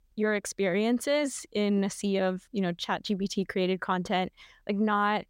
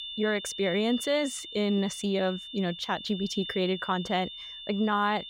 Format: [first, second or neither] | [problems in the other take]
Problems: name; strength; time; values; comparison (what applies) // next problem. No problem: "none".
first | high-pitched whine; loud; throughout; 3.5 kHz, 9 dB below the speech